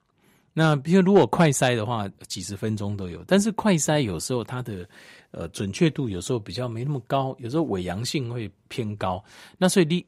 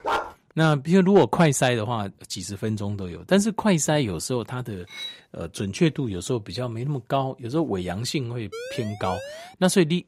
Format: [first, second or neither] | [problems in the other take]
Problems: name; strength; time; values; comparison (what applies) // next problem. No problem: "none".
first | dog barking; noticeable; at the start; peak 3 dB below the speech // clattering dishes; faint; at 5 s; peak 10 dB below the speech // siren; faint; from 8.5 to 9.5 s; peak 10 dB below the speech